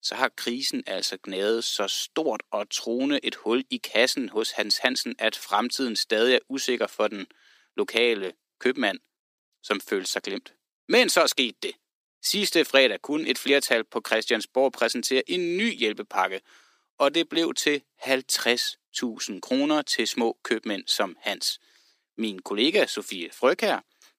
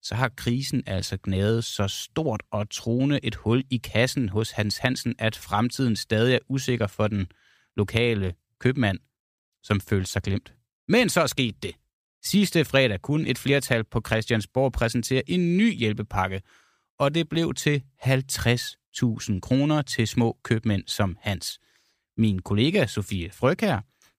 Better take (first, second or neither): second